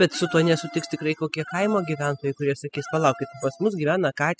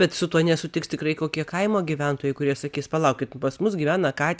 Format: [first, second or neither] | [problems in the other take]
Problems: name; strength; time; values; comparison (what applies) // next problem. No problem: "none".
second | noise reduction (classical method spectral subtraction)